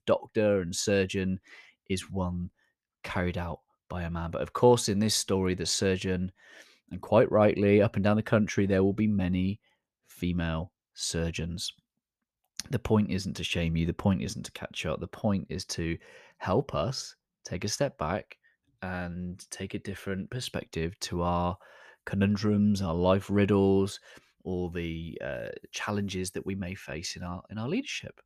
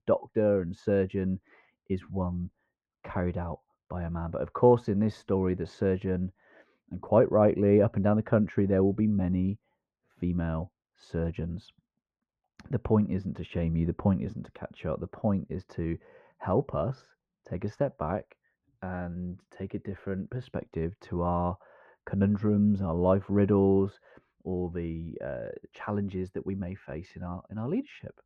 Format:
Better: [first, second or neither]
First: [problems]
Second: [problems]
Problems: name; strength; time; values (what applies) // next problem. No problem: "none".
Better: first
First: none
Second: muffled; very; fading above 3 kHz